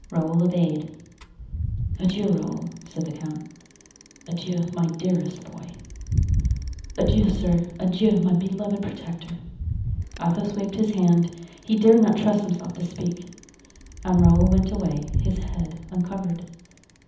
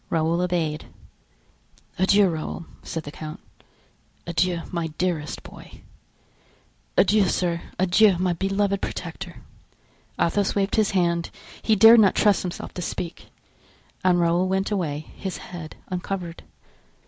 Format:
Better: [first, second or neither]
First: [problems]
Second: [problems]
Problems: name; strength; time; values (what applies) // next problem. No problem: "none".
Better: second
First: background sound (Bicycle); 6 dB below the speech // room echo; dies away in 0.8 s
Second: none